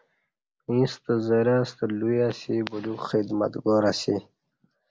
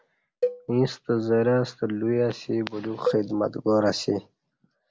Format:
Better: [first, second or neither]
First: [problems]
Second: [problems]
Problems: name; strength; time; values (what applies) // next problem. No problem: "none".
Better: first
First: none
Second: background sound (Cowbell); 9 dB below the speech